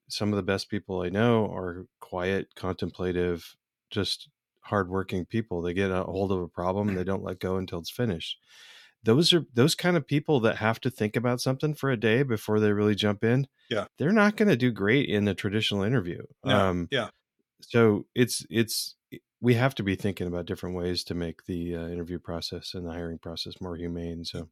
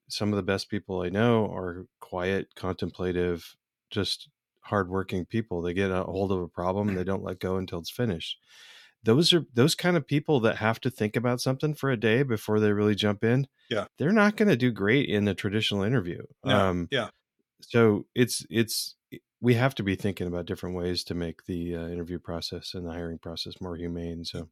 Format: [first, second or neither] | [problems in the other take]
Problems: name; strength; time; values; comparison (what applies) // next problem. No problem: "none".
neither | none